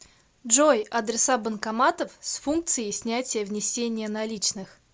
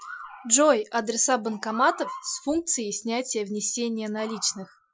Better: first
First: none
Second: noise reduction (classical method Wiener filter)

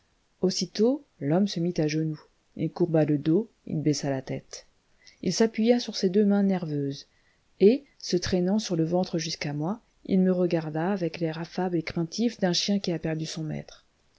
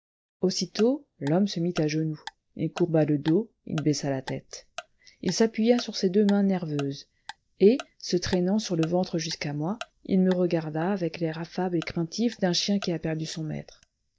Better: first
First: none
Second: noise reduction (neural mask model DeepFilterNet 3)

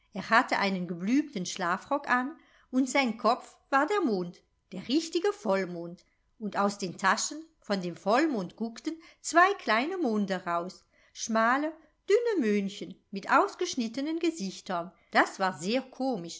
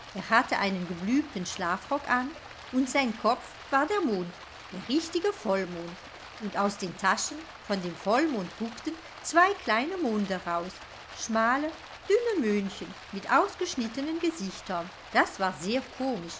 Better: first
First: none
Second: background sound (Stream); 16 dB below the speech

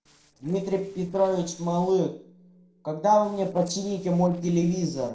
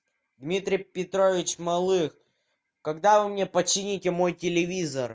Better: second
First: noise reduction (neural separator model SepFormer DNS4)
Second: none

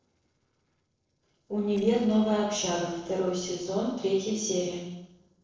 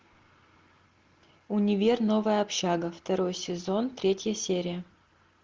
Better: second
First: noise reduction (neural separator model SepFormer DNS4)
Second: none

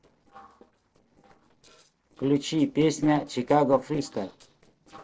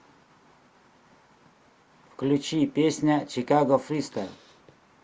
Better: second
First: noise reduction (neural separator model SepFormer DNS4)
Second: none

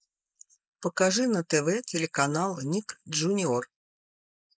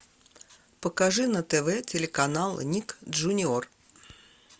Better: second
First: noise reduction (neural mask model Resemble Enhance denoiser)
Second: none

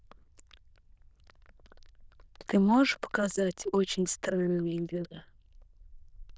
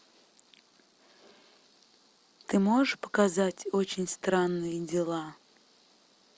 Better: second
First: noise reduction (neural diffusion model UNIVERSE++)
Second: none

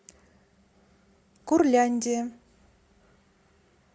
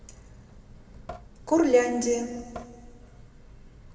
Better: first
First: none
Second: background sound (Drip / Sink (filling or washing) / Water tap, faucet); 17 dB below the speech // room echo; dies away in 1.6 s

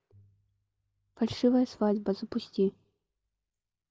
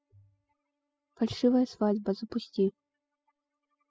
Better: first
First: none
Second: noise reduction (classical method spectral subtraction)

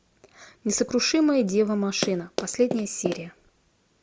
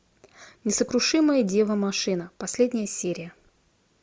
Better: second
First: background sound (Run); 7 dB below the speech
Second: none

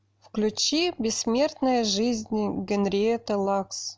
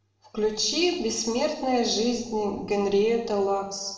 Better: first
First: none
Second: room echo; dies away in 0.9 s

